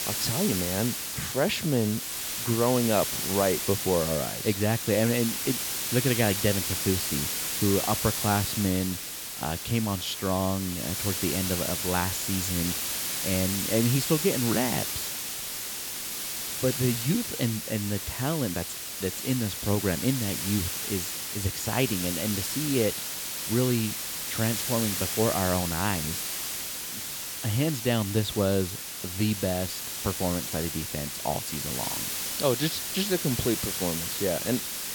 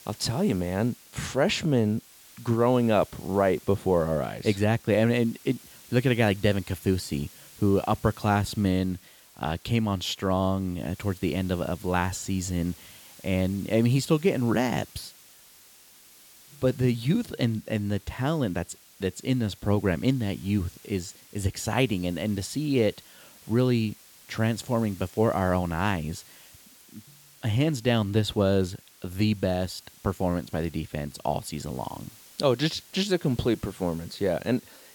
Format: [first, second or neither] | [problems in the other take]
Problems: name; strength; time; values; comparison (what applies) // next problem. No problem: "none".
second | hiss; loud; throughout; 1 dB below the speech; faint in the second